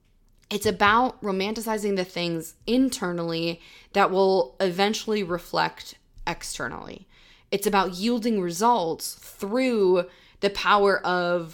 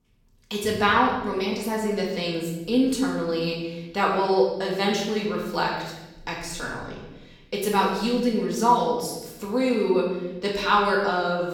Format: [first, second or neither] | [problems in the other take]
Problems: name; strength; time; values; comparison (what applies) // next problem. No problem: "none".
first | room echo; noticeable; dies away in 1 s // off-mic speech; far